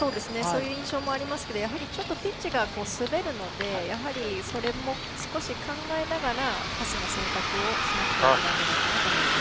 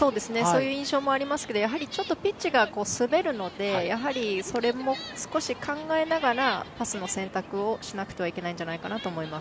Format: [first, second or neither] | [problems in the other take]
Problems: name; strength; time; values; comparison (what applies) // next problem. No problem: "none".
second | background sound (Bus); 2 dB above the speech